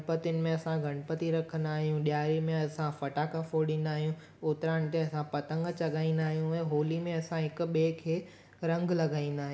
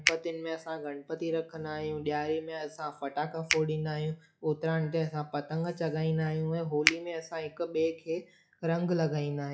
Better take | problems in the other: first | noise reduction (classical method log-MMSE)

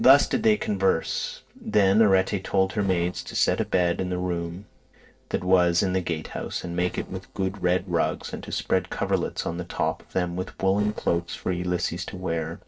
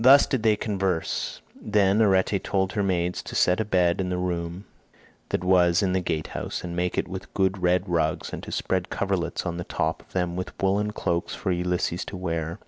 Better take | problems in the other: second | noise reduction (neural separator model SepFormer DNS4)

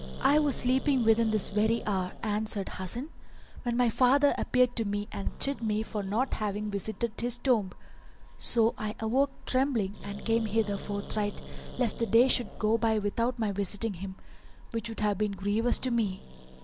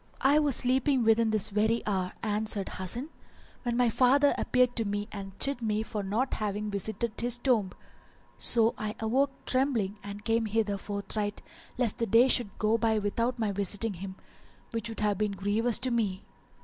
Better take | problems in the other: second | background sound (Growling); 11 dB below the speech

